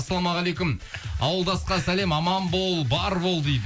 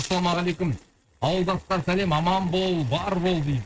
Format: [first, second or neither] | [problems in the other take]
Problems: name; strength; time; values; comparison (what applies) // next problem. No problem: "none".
first | noise reduction (neural mask model RNNoise)